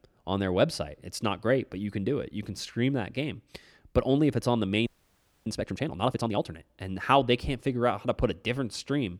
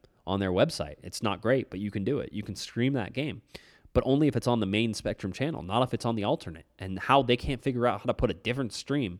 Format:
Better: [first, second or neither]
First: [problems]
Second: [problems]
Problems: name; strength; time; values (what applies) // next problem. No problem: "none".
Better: second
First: audio freezing; at 5 s for 0.5 s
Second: none